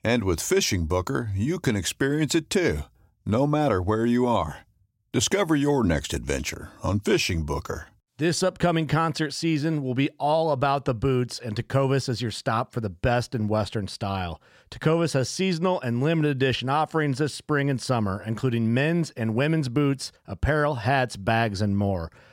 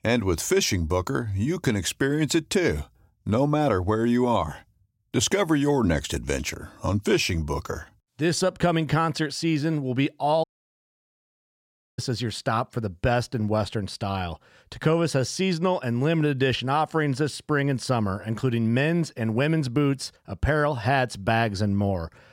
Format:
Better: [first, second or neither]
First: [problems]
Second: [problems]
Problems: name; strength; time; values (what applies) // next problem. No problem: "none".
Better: first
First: none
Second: audio cutting out; at 10 s for 1.5 s